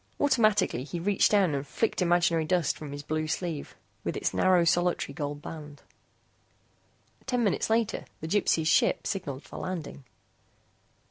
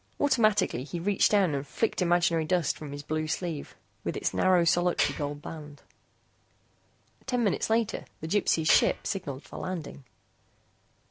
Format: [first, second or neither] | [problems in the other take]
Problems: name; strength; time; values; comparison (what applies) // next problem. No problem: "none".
first | background sound (Tools); 3 dB below the speech